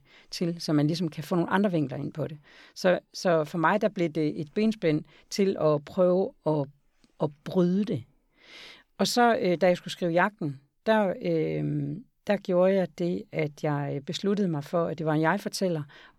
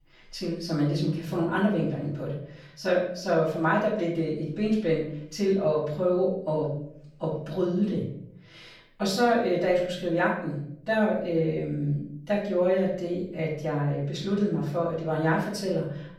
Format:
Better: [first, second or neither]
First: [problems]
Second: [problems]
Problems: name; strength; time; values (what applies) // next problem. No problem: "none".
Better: first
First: none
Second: off-mic speech; far // room echo; noticeable; dies away in 0.6 s